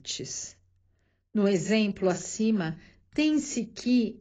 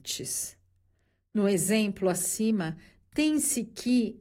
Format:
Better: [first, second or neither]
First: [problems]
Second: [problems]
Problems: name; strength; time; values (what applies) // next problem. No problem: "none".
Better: second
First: garbled, watery; badly; nothing above 7.5 kHz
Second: garbled, watery; slightly; nothing above 14.5 kHz